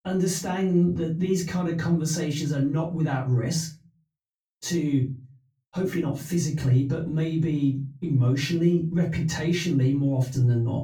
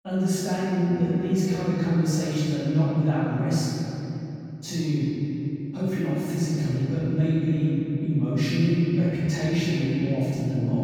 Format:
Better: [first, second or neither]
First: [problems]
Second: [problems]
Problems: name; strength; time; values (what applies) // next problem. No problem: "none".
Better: first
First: room echo; slight; dies away in 0.3 s // off-mic speech; far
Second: room echo; strong; dies away in 3 s // off-mic speech; far